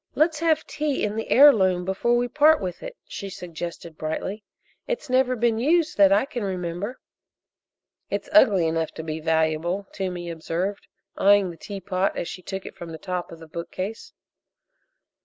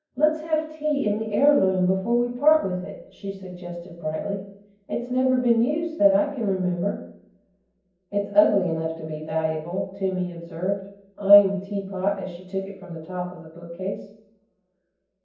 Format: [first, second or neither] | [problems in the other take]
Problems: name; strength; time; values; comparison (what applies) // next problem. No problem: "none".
first | room echo; dies away in 0.9 s